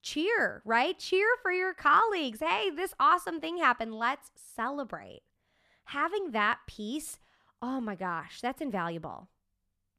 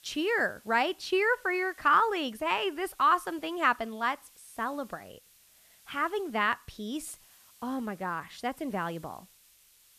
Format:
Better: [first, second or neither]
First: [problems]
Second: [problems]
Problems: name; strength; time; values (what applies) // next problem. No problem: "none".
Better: first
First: none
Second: hiss; faint; throughout; 25 dB below the speech